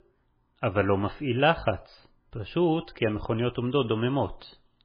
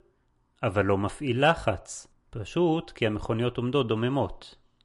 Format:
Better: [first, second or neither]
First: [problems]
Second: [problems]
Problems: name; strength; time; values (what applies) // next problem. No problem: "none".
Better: second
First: garbled, watery; badly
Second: garbled, watery; slightly; nothing above 11 kHz